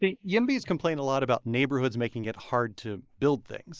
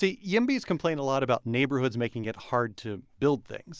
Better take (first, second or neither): second